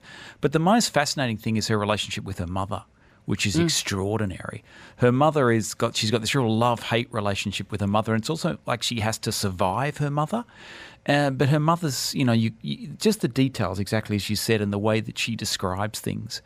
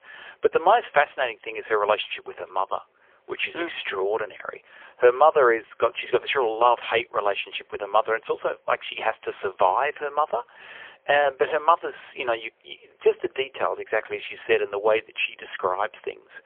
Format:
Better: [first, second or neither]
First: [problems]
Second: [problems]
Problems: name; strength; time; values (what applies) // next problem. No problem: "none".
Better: first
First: none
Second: phone-call audio; poor line; nothing above 3.5 kHz